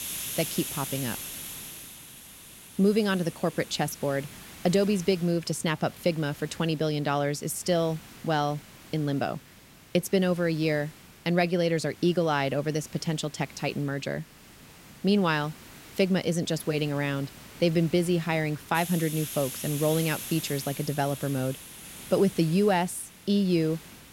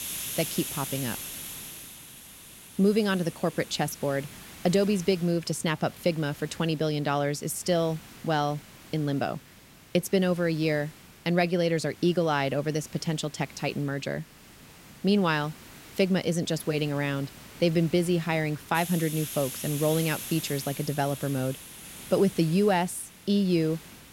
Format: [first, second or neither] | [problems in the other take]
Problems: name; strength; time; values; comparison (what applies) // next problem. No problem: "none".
neither | hiss; noticeable; throughout; 15 dB below the speech; the same in both